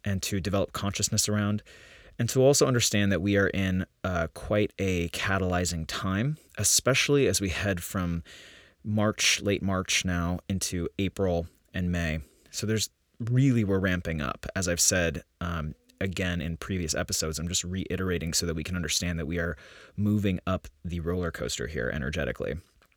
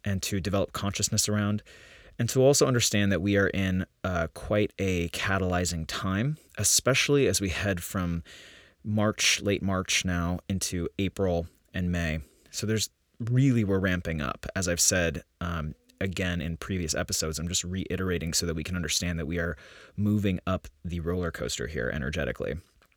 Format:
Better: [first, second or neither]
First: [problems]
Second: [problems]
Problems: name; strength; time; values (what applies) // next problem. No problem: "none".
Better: neither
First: none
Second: none